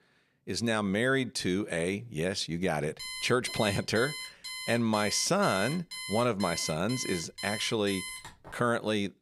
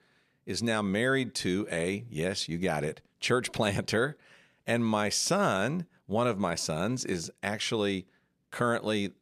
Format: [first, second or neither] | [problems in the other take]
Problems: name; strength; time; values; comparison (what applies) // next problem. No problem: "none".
second | alarm; noticeable; from 3 to 8.5 s; peak 7 dB below the speech